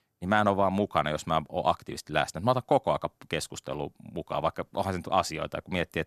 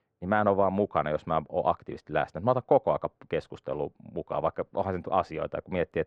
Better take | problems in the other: first | muffled; very; fading above 2 kHz

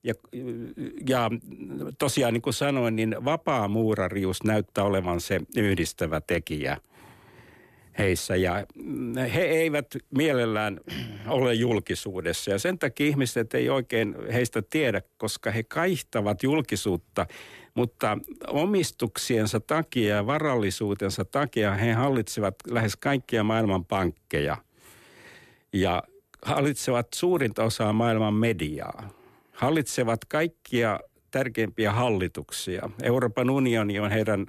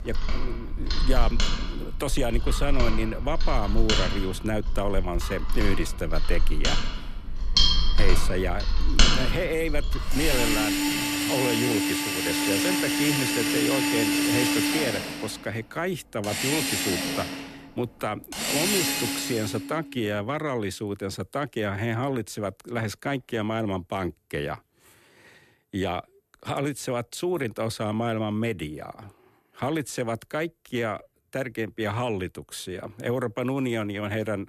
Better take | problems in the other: first | machinery noise; very loud; until 19 s; 4 dB above the speech

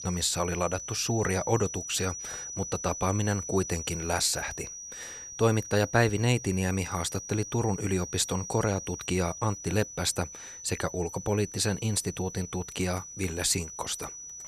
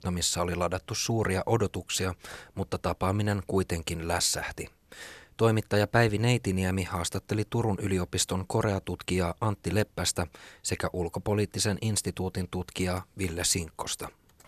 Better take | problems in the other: second | high-pitched whine; loud; throughout; 6 kHz, 9 dB below the speech

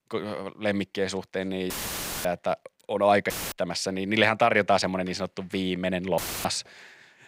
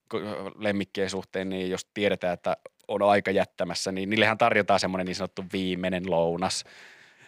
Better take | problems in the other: second | audio cutting out; filled with static; at 1.5 s for 0.5 s, at 3.5 s and at 6 s

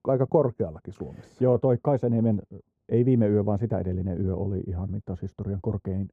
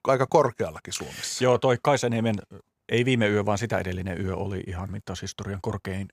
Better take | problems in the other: second | muffled; very; fading above 1 kHz

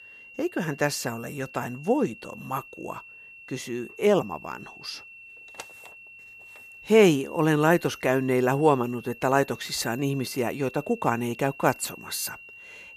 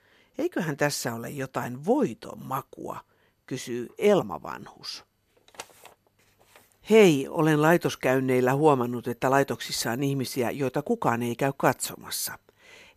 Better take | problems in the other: second | high-pitched whine; noticeable; throughout; 2.5 kHz, 20 dB below the speech

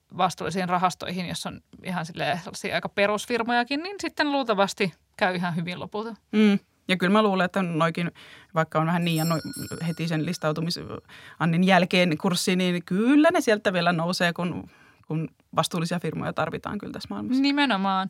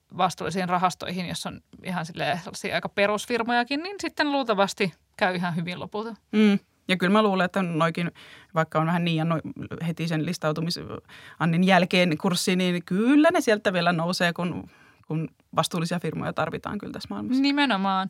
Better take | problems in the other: second | doorbell; noticeable; from 9 to 10 s; peak 10 dB below the speech

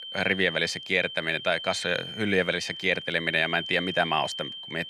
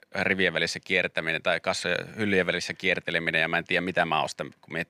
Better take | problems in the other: second | high-pitched whine; loud; throughout; 3 kHz, 9 dB below the speech

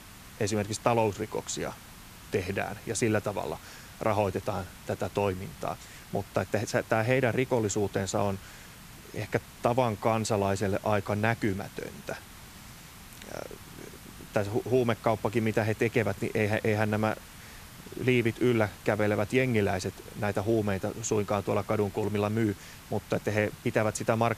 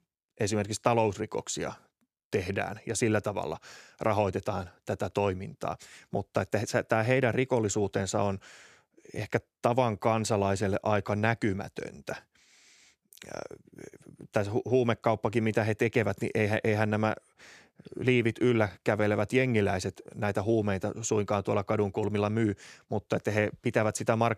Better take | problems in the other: second | hiss; noticeable; throughout; 20 dB below the speech

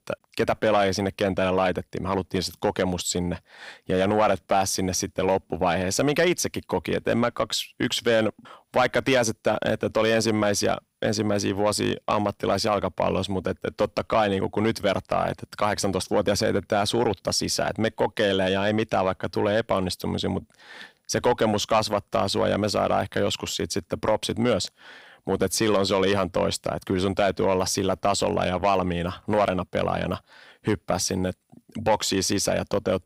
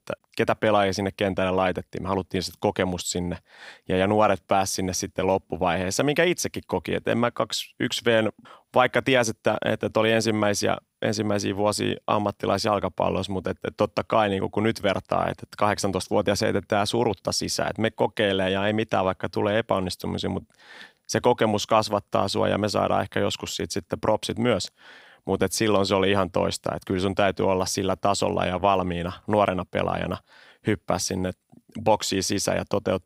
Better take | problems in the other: second | distortion; slight; 10 dB below the speech

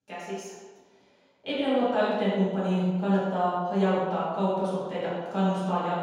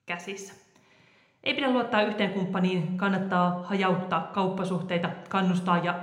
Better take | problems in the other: second | room echo; strong; dies away in 1.2 s; slight in the second // off-mic speech; far

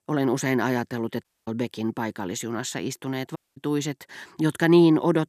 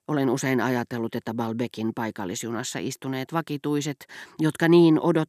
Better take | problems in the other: second | audio cutting out; at 1 s and at 3.5 s

